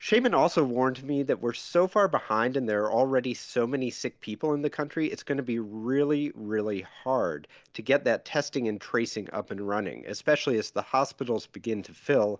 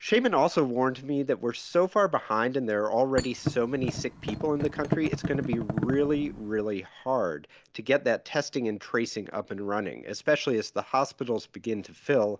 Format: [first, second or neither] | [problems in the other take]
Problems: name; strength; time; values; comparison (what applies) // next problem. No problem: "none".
first | background sound (Thump, thud); 5 dB below the speech